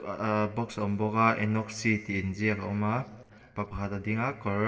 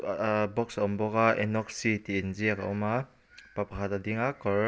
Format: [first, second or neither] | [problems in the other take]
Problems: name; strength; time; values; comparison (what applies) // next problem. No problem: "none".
second | noise reduction (neural separator model SepFormer DNS4)